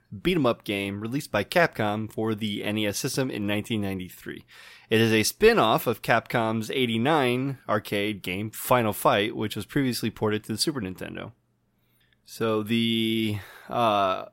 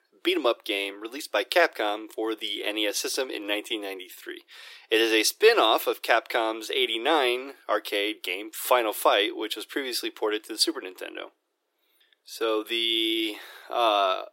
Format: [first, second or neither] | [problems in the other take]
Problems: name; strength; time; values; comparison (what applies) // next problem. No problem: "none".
first | thin; very; fading below 350 Hz